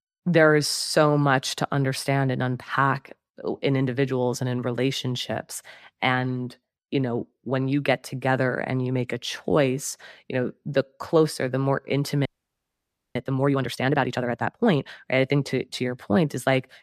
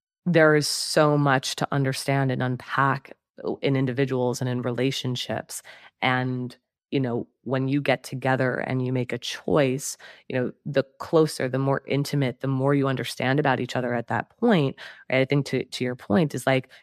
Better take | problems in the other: second | audio freezing; at 12 s for 1 s

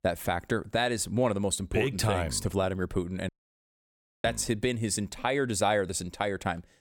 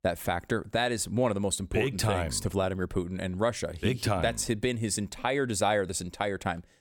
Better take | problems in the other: second | audio cutting out; at 3.5 s for 1 s

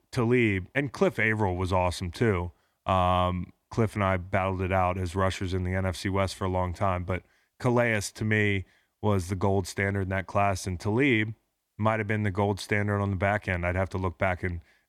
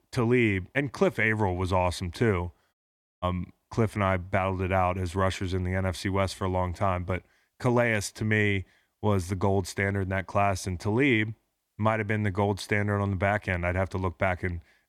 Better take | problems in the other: first | audio cutting out; at 2.5 s

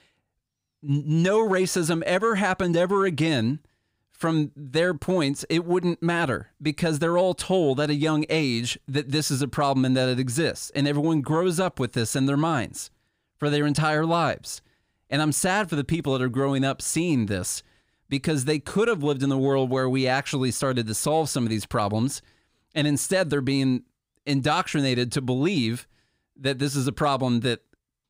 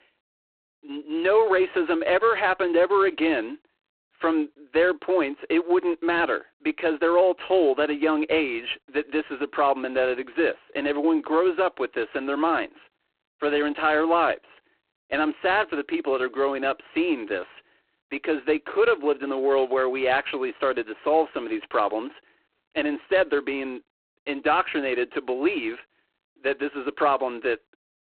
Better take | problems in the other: first | phone-call audio; poor line; nothing above 4 kHz

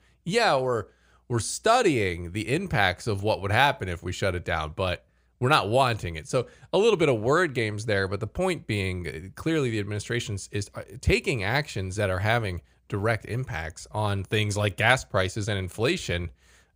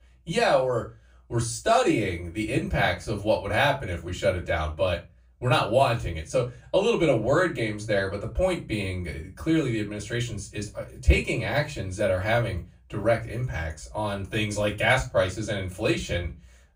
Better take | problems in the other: first | off-mic speech; far // room echo; very slight; dies away in 0.2 s

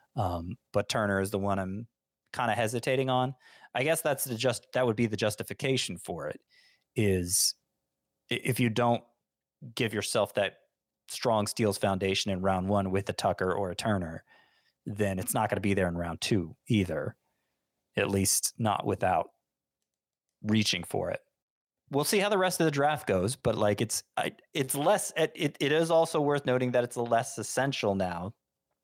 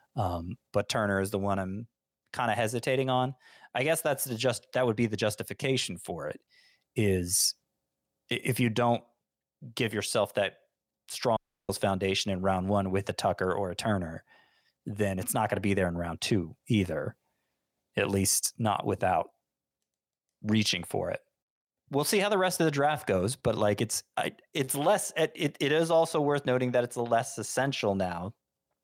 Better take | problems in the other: first | audio cutting out; at 11 s

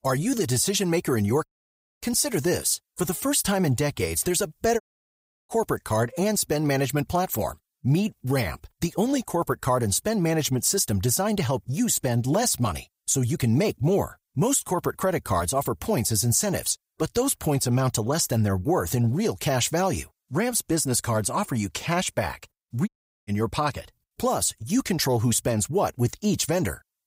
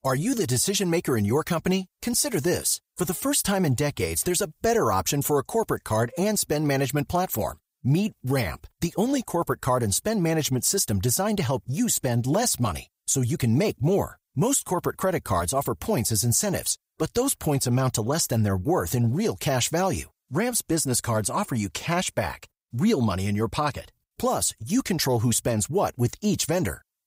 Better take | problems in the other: second | audio cutting out; at 1.5 s for 0.5 s, at 5 s for 0.5 s and at 23 s

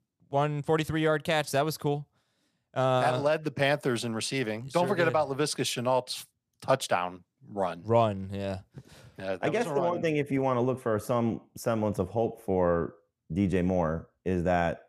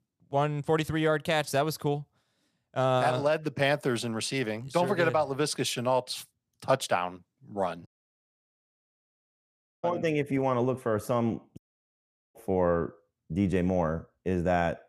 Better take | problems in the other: first | audio cutting out; at 8 s for 2 s and at 12 s for 1 s

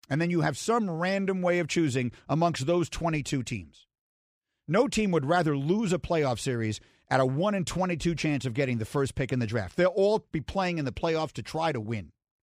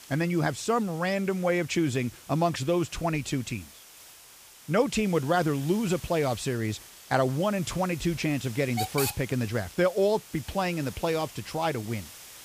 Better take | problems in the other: first | hiss; noticeable; throughout; 15 dB below the speech

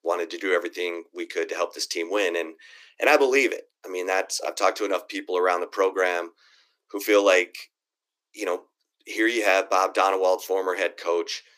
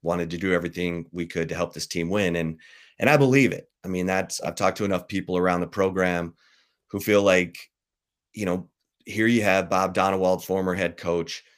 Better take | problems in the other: second | thin; very; fading below 300 Hz

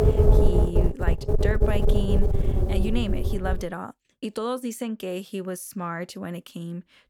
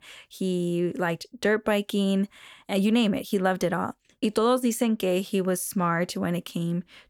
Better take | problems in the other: second | wind noise on the microphone; heavy; until 3.5 s; 2 dB above the speech

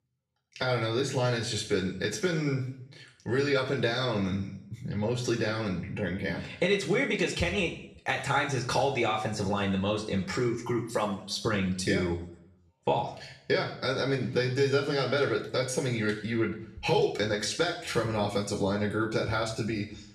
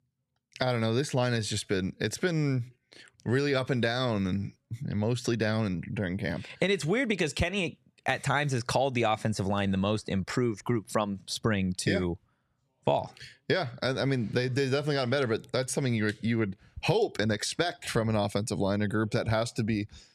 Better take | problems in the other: second | room echo; slight; dies away in 0.6 s // off-mic speech; somewhat distant

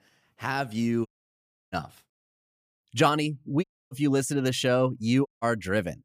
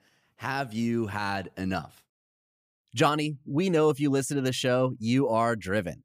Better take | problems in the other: second | audio cutting out; at 1 s for 0.5 s, at 3.5 s and at 5.5 s

